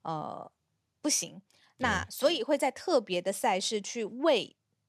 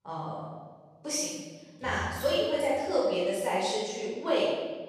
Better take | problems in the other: first | off-mic speech; far // room echo; strong; dies away in 1.3 s

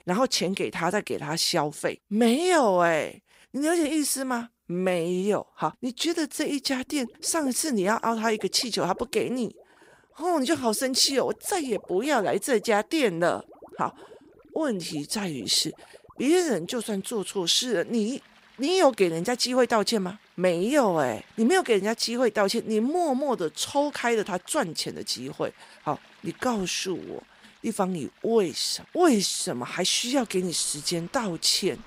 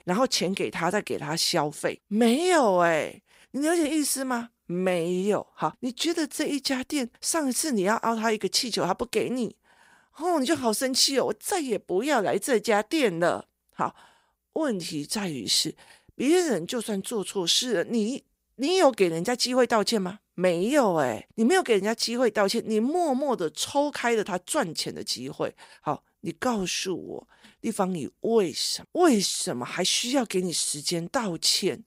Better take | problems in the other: second | rain or running water; faint; from 6.5 s on; 25 dB below the speech

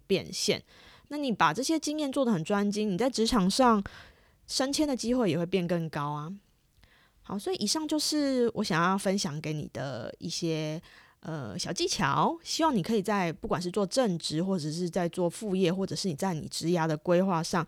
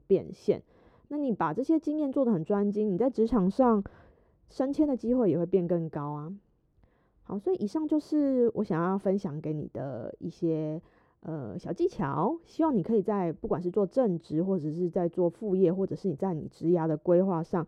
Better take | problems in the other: first | muffled; very; fading above 2 kHz

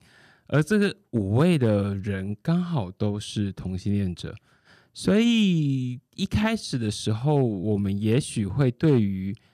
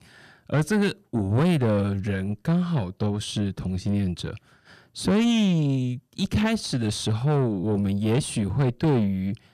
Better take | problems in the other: first | distortion; slight; 10 dB below the speech

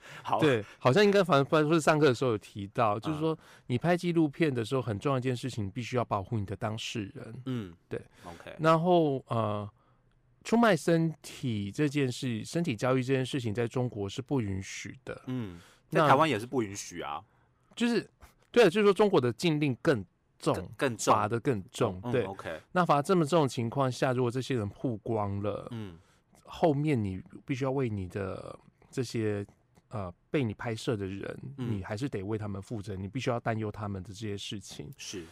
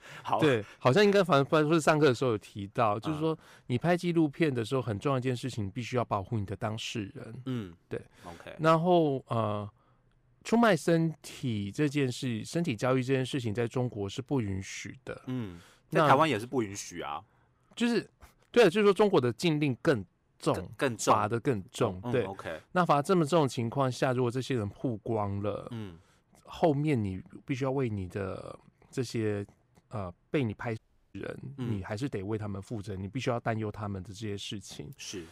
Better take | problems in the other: first | audio cutting out; at 31 s

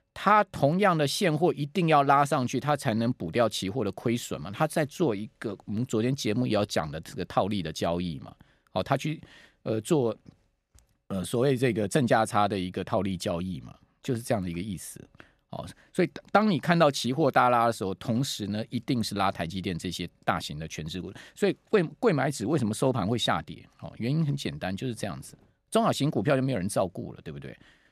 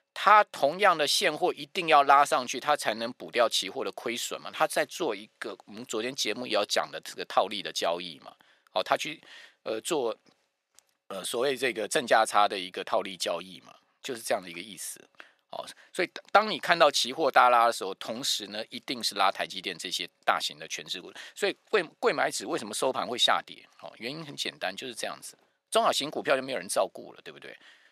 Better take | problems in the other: first | thin; very; fading below 550 Hz

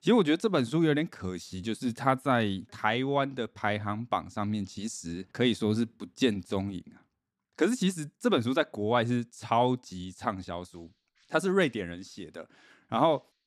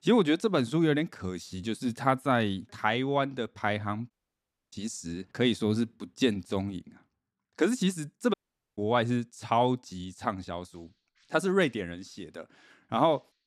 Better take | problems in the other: first | audio cutting out; at 4 s for 0.5 s and at 8.5 s

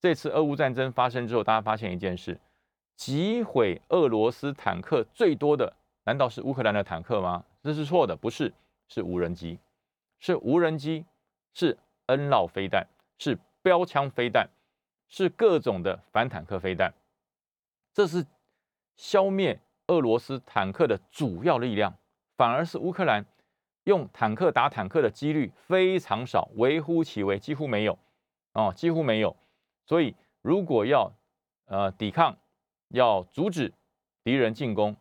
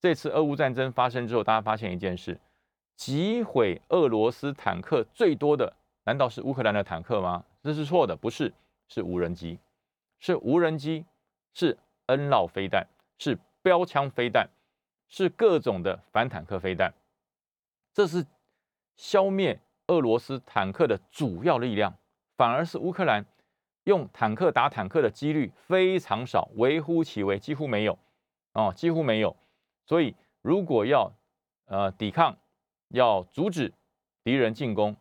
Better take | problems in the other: neither | none

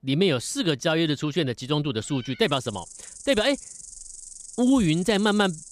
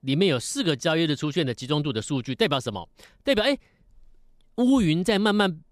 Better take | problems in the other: second | animal sounds; noticeable; throughout; 15 dB below the speech

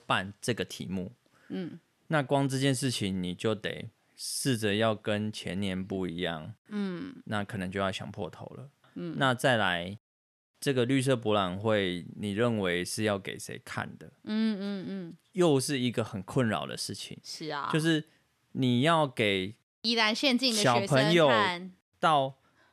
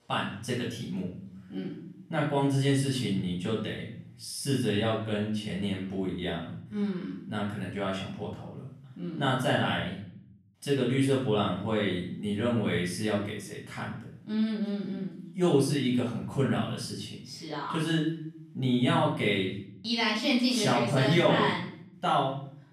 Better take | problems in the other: first | off-mic speech; far // room echo; noticeable; dies away in 0.7 s

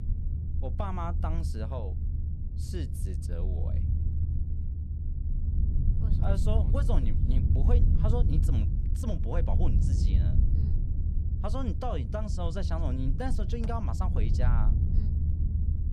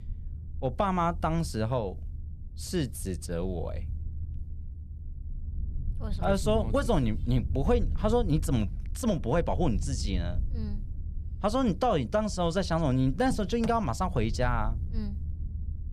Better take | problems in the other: second | low rumble; loud; throughout; 6 dB below the speech; faint in the second

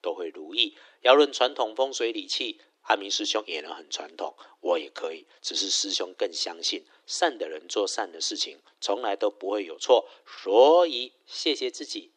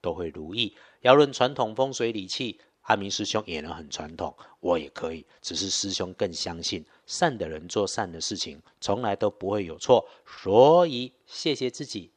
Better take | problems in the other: second | thin; somewhat; fading below 300 Hz

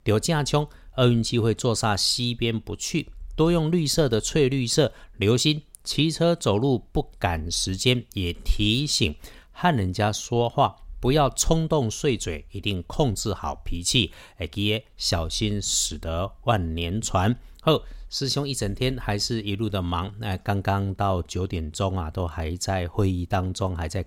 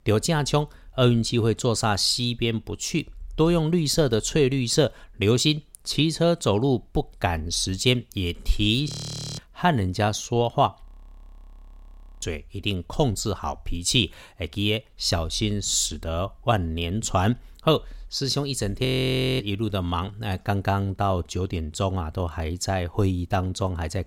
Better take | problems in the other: first | audio freezing; at 9 s, at 11 s for 1.5 s and at 19 s for 0.5 s

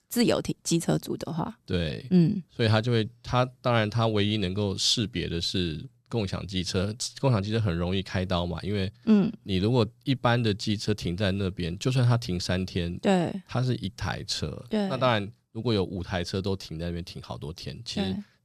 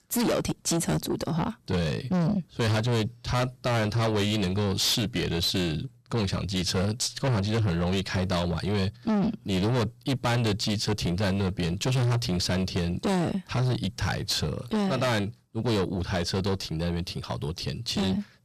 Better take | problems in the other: first | distortion; heavy; 5 dB below the speech

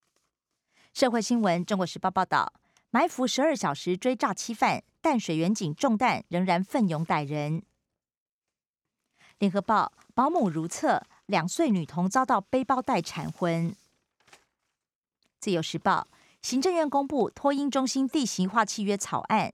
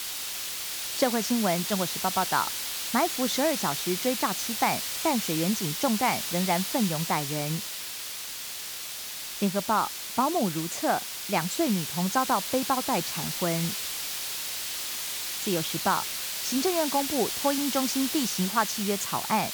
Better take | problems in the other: first | hiss; loud; throughout; 2 dB below the speech

